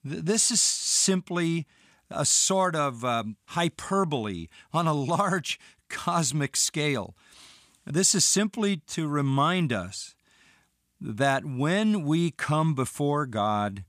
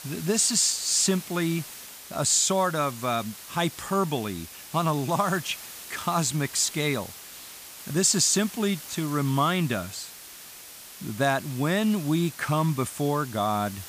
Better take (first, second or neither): first